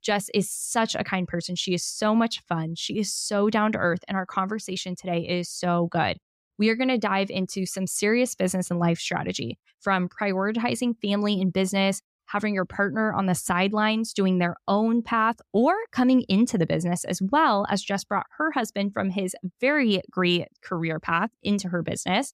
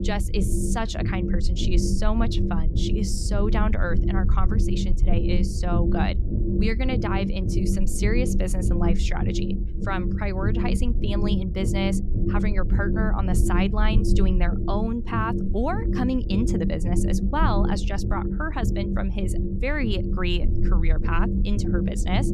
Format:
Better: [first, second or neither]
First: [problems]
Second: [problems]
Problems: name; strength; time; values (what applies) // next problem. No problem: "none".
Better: first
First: none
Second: low rumble; loud; throughout; 4 dB below the speech